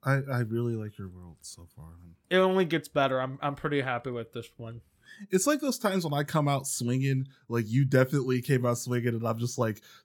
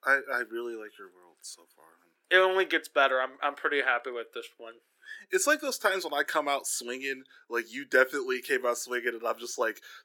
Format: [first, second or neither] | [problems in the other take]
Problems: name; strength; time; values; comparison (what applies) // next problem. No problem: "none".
first | thin; very; fading below 350 Hz